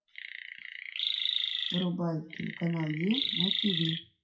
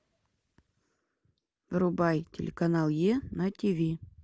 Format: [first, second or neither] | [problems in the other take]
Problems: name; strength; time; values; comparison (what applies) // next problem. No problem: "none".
second | noise reduction (classical method WPE with log-MMSE)